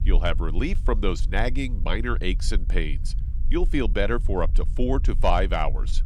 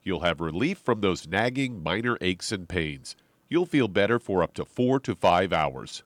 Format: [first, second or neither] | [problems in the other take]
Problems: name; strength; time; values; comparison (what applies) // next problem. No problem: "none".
second | low rumble; faint; throughout; 20 dB below the speech